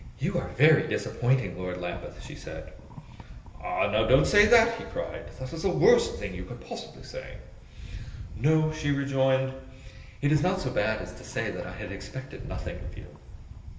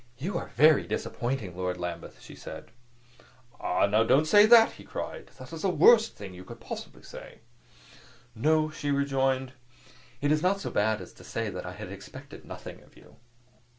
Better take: second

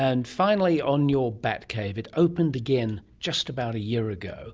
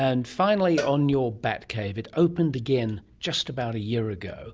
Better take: first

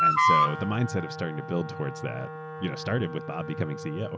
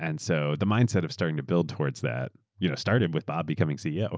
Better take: second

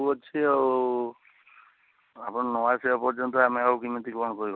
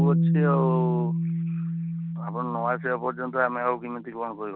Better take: first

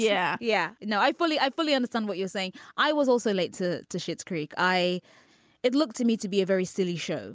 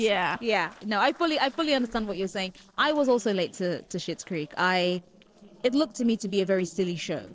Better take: first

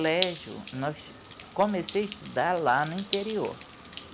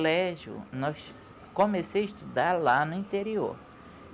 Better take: second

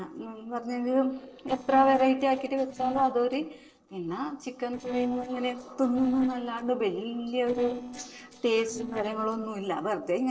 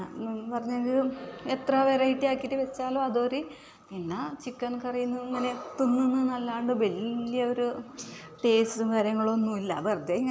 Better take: second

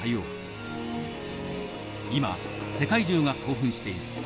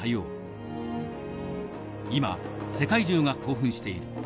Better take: second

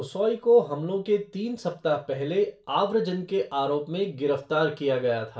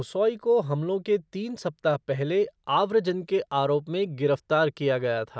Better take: second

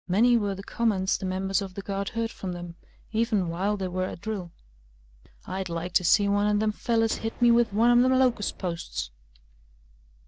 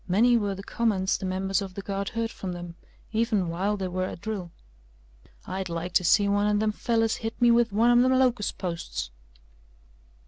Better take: second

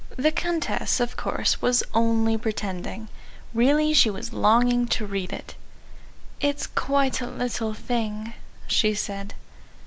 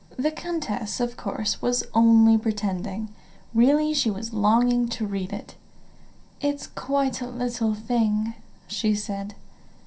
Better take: first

